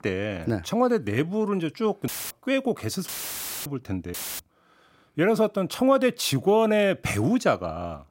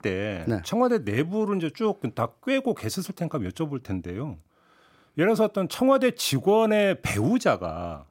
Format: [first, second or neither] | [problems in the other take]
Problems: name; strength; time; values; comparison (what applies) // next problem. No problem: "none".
second | audio cutting out; filled with static; at 2 s, at 3 s for 0.5 s and at 4 s